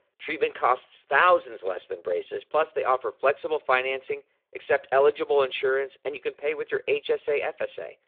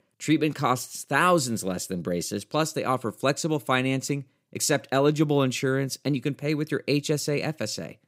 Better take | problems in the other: second | phone-call audio

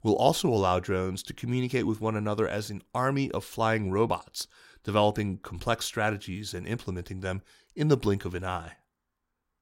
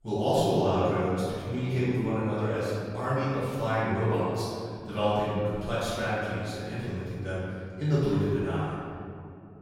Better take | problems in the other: first | room echo; strong; dies away in 2.4 s // off-mic speech; far

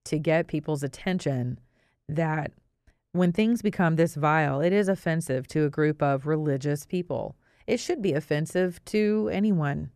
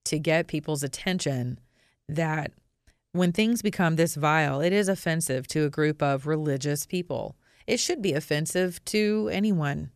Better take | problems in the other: second | muffled; slightly; fading above 2.5 kHz

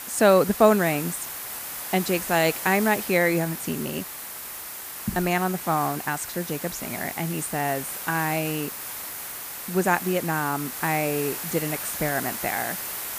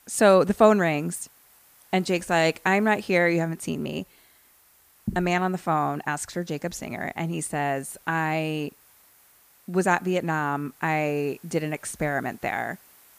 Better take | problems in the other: second | hiss; loud; throughout; 7 dB below the speech; faint in the second

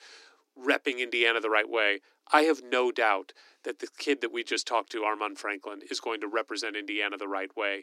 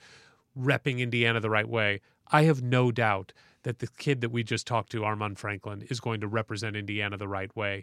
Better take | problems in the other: second | thin; somewhat; fading below 300 Hz

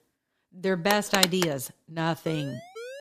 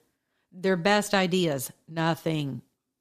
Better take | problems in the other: second | phone ringing; loud; at 1 s; peak 3 dB above the speech // siren; faint; at 2.5 s; peak 15 dB below the speech

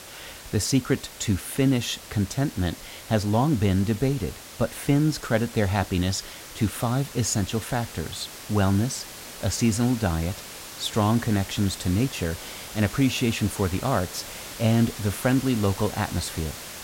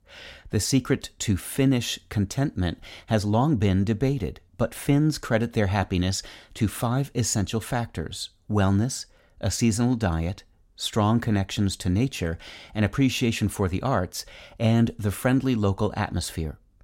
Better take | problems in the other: second | hiss; noticeable; throughout; 15 dB below the speech

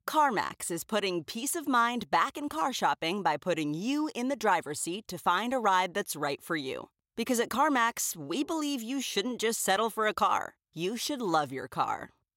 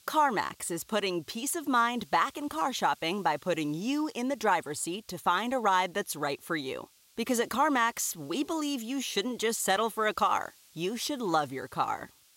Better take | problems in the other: first | hiss; faint; throughout; 30 dB below the speech

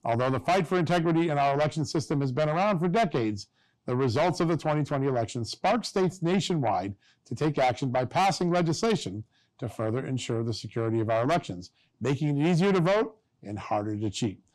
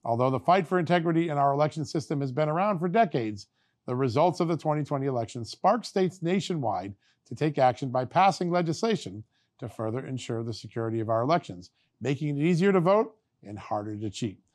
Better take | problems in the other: second | distortion; heavy; 8 dB below the speech

